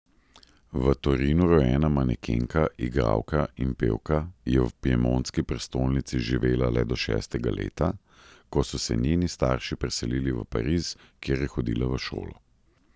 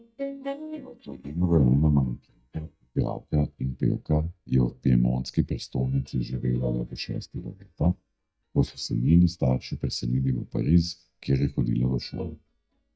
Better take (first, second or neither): first